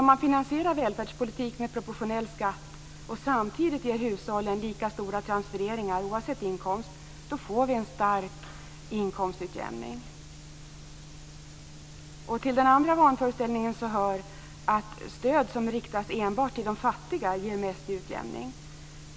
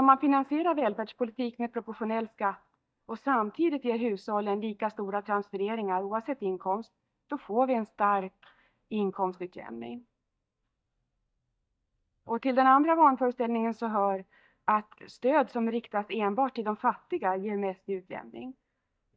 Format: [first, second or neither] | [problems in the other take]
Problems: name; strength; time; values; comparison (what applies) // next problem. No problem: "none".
first | noise reduction (neural mask model DeepFilterNet 3)